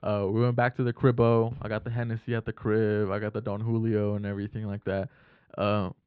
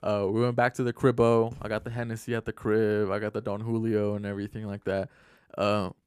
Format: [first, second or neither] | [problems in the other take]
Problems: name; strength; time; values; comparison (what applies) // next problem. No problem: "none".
second | muffled; very slightly; fading above 4 kHz